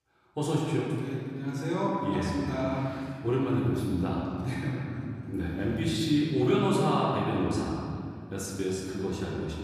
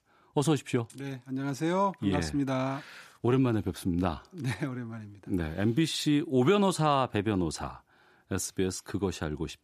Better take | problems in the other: second | off-mic speech; far // room echo; strong; dies away in 2.2 s

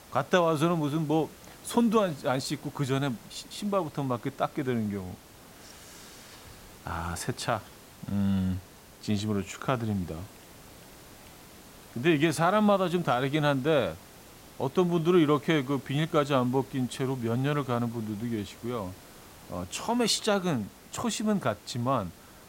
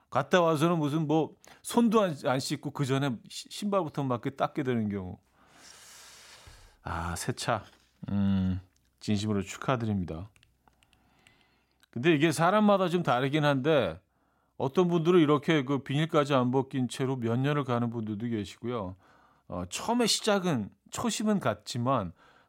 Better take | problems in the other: second | hiss; faint; throughout; 20 dB below the speech

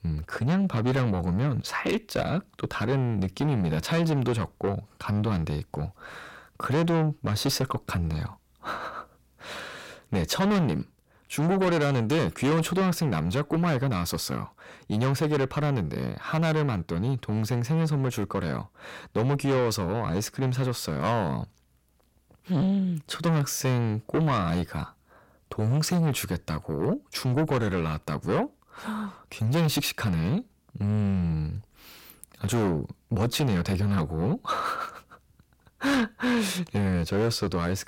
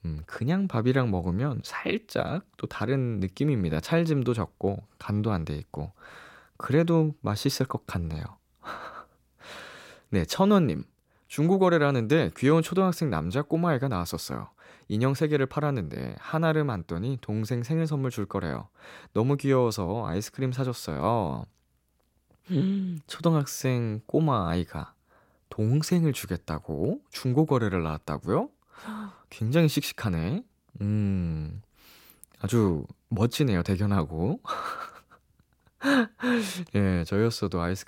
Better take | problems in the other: second | distortion; heavy; 7 dB below the speech

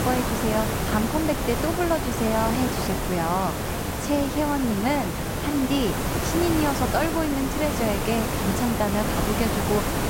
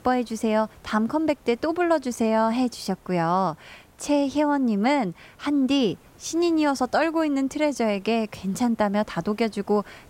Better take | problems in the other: second | hiss; loud; throughout; as loud as the speech; faint in the second

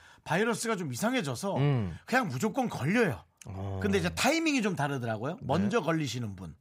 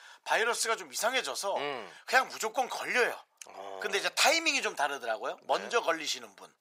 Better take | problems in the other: first | thin; very; fading below 550 Hz

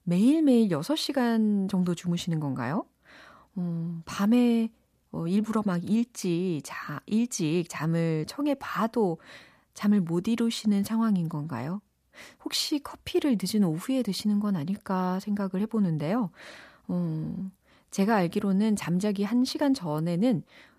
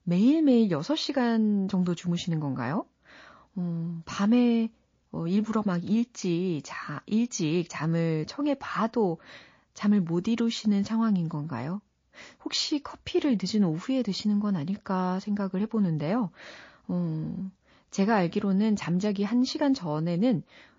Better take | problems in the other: first | garbled, watery; slightly; nothing above 6 kHz

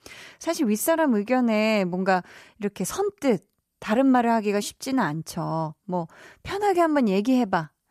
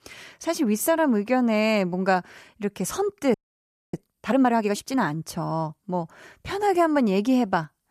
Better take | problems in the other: first | audio freezing; at 3.5 s for 0.5 s

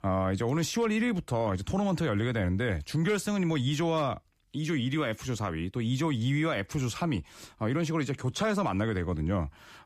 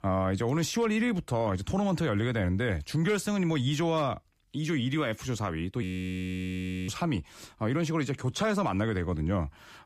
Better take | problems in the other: first | audio freezing; at 6 s for 1 s

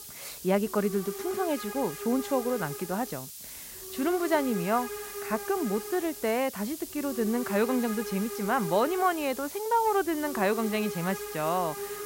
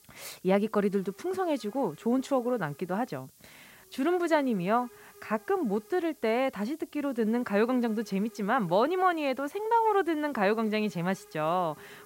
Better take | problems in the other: second | hiss; loud; throughout; 8 dB below the speech; faint in the second

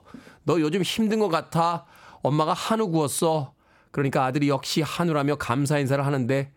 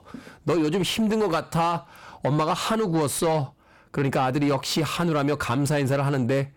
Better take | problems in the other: first | distortion; slight; 10 dB below the speech

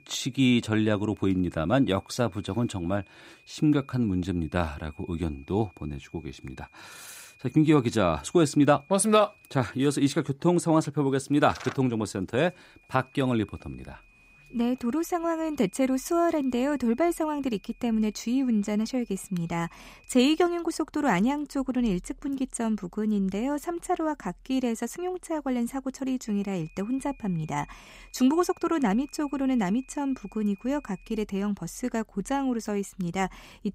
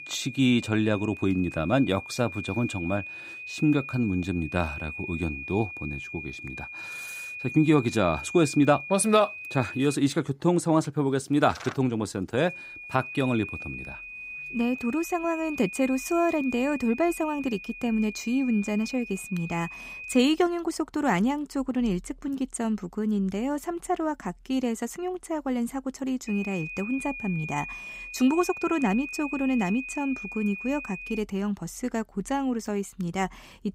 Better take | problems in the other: first | high-pitched whine; loud; until 10 s, from 12 to 20 s and from 26 to 31 s; 2.5 kHz, 10 dB below the speech; faint in the first

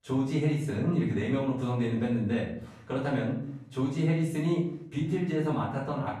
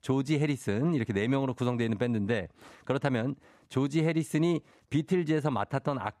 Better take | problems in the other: second | off-mic speech; far // room echo; noticeable; dies away in 0.6 s

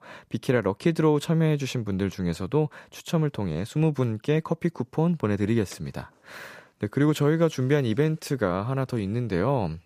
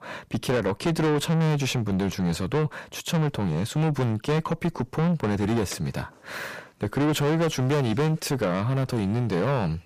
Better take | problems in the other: first | distortion; heavy; 6 dB below the speech

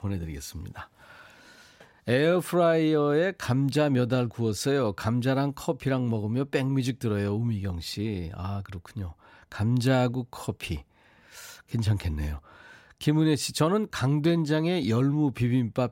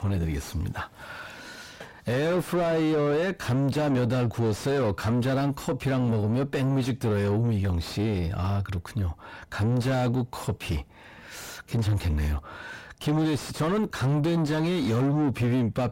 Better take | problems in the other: first | distortion; heavy; 7 dB below the speech

